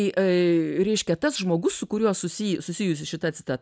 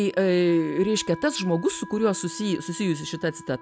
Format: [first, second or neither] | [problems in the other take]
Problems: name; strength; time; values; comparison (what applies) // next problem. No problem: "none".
first | background sound (Wind instrument, woodwind instrument); 17 dB below the speech